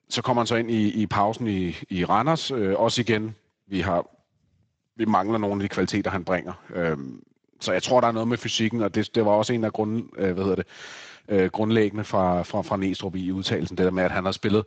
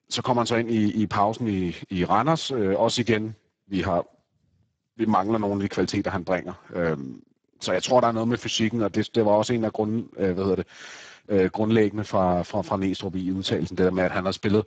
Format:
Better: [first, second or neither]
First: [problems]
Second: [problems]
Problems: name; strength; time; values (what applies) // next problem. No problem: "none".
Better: first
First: garbled, watery; slightly; nothing above 7.5 kHz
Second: garbled, watery; badly; nothing above 7.5 kHz